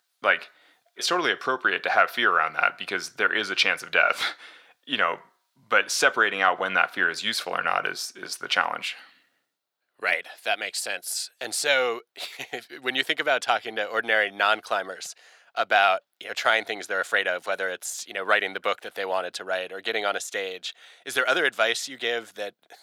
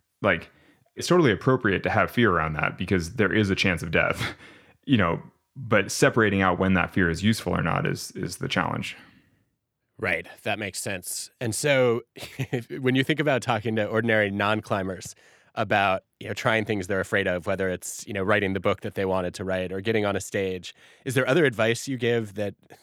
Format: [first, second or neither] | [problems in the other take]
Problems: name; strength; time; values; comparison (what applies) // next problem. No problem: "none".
second | thin; very; fading below 600 Hz